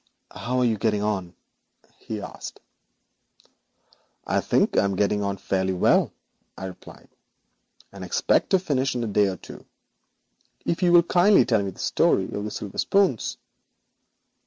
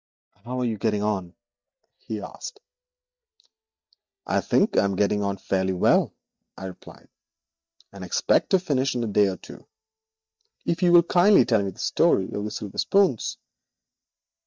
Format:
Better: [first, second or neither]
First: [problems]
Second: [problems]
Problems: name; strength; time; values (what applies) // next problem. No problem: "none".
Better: first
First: none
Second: noise reduction (neural mask model DeepFilterNet 3)